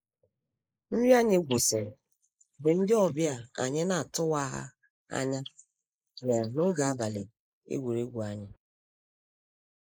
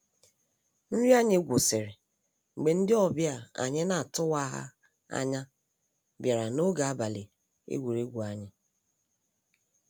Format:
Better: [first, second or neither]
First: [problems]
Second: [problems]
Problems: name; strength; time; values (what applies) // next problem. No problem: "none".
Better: second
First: noise reduction (neural mask model Resemble Enhance denoiser)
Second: none